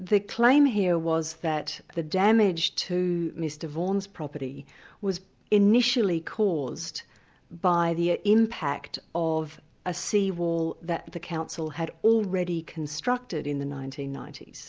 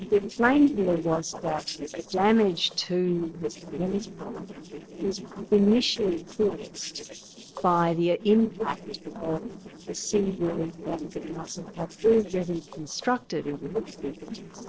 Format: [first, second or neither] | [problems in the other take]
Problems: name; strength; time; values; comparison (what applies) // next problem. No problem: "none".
first | noise reduction (neural separator model SepFormer DNS4)